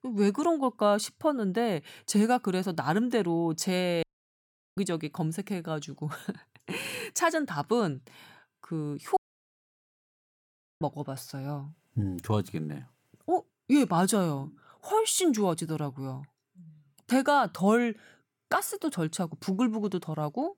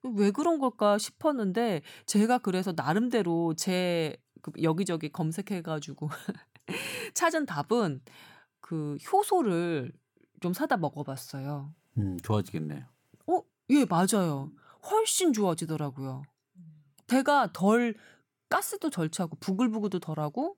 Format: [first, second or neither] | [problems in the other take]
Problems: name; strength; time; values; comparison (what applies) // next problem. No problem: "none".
second | audio cutting out; at 4 s for 0.5 s and at 9 s for 1.5 s